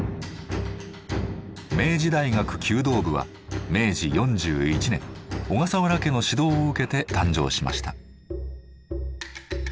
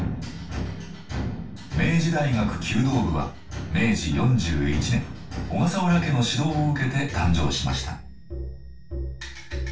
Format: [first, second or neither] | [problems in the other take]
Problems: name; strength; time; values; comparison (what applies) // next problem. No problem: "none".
first | room echo; dies away in 0.2 s